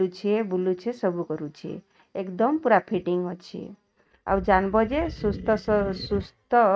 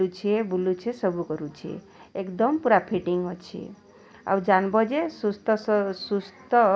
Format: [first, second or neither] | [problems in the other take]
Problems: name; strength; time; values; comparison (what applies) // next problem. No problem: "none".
second | noise reduction (neural mask model RNNoise)